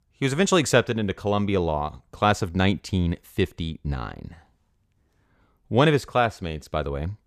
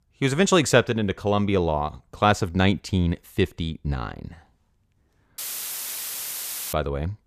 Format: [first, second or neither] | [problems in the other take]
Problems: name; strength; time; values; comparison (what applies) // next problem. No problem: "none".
first | audio cutting out; filled with static; at 5.5 s for 1.5 s